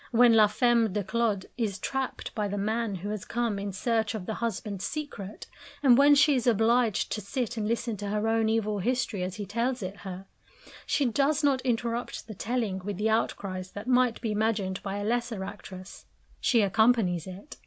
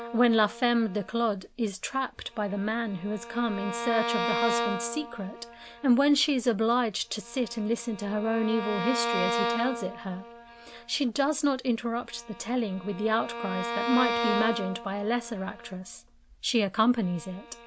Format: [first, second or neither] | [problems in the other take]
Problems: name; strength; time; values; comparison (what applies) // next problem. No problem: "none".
first | background sound (Bowed string instrument); 7 dB below the speech